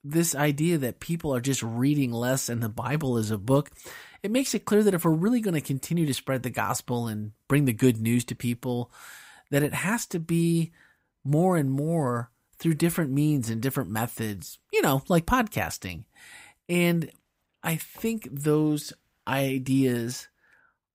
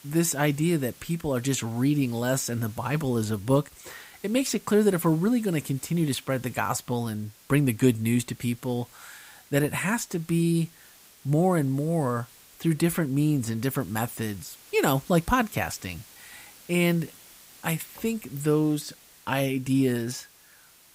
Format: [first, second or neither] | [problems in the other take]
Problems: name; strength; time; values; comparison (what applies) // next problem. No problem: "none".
first | hiss; faint; throughout; 25 dB below the speech